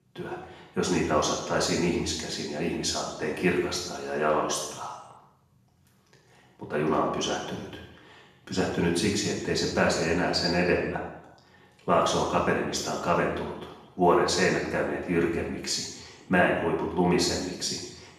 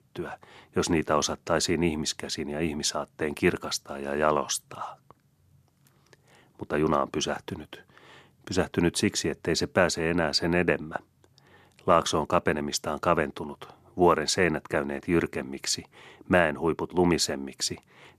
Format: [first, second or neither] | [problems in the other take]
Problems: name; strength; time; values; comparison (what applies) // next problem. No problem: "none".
second | room echo; noticeable; dies away in 0.9 s // off-mic speech; far